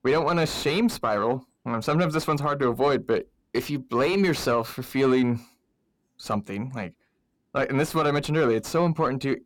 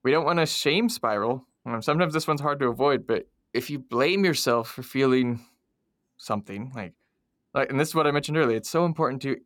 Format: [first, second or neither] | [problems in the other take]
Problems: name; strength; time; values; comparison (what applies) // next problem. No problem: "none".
second | distortion; slight; 10 dB below the speech